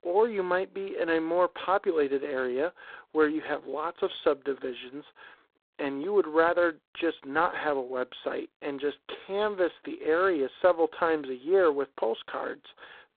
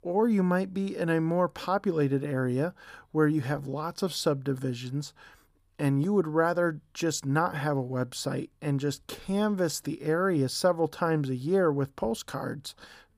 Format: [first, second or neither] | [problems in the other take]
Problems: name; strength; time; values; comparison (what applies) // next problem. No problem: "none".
second | phone-call audio; poor line; nothing above 3.5 kHz